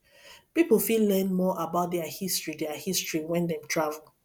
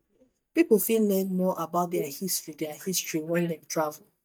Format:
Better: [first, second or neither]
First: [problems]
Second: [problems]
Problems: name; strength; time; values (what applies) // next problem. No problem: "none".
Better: first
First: none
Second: noise reduction (neural mask model DeepFilterNet 3)